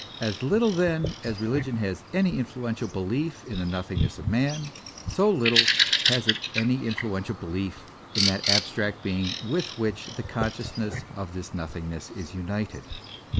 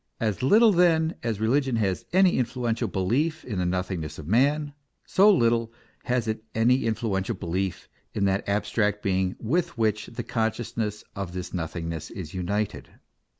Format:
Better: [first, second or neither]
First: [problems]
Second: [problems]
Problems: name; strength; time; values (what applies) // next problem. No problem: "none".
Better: second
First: background sound (Bird vocalization, bird call, bird song); 3 dB below the speech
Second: none